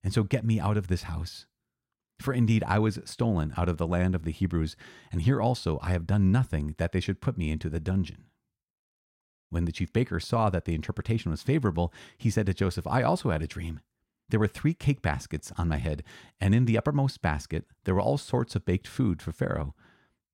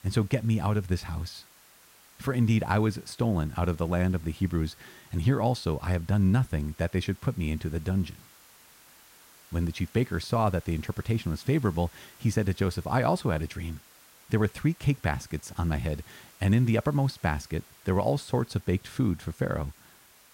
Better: first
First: none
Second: hiss; faint; throughout; 25 dB below the speech

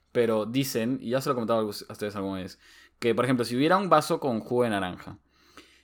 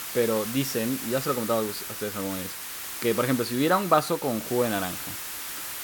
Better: first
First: none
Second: hiss; loud; throughout; 6 dB below the speech

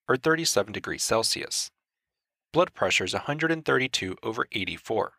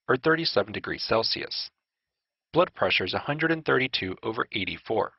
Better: first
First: none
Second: garbled, watery; badly; nothing above 5.5 kHz

